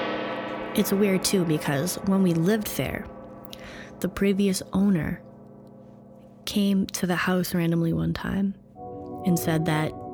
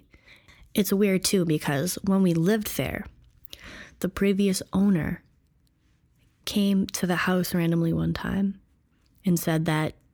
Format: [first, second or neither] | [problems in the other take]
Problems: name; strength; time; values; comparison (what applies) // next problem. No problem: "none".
second | background music; noticeable; throughout; 10 dB below the speech